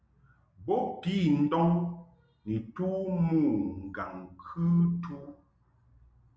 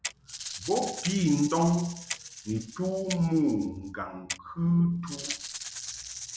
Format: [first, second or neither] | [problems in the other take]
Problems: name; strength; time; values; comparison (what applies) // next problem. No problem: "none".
first | background sound (Clock + Rattle (instrument)); 11 dB below the speech